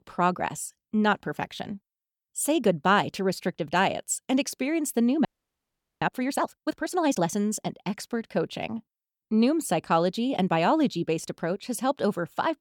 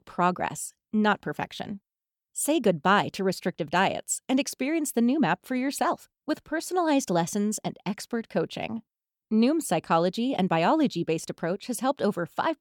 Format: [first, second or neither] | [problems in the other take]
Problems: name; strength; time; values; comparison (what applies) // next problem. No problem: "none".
second | audio freezing; at 5.5 s for 1 s